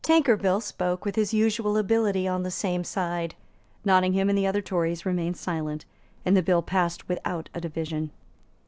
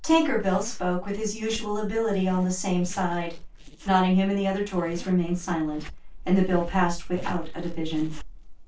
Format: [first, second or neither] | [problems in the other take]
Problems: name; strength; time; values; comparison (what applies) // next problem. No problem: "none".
first | noise reduction (neural separator model SepFormer DNS4)